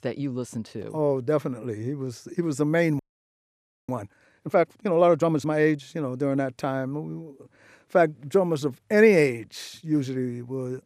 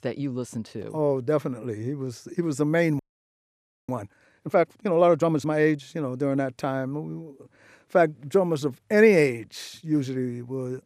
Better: neither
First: audio freezing; at 3 s for 1 s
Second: audio freezing; at 3 s for 1 s

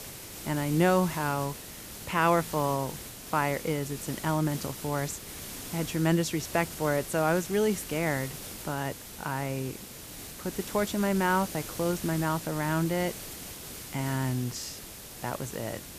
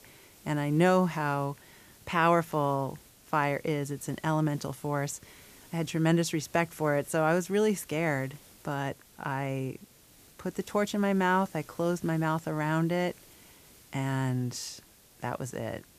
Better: second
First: hiss; loud; throughout; 10 dB below the speech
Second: hiss; faint; throughout; 25 dB below the speech

